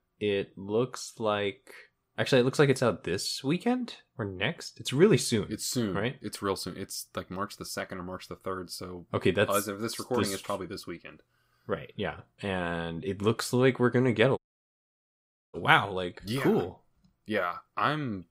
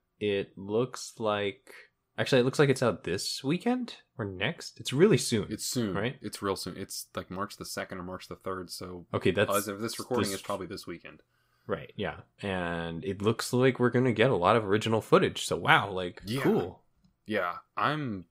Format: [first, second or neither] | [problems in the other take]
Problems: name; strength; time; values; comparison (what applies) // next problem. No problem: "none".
second | audio cutting out; at 14 s for 1 s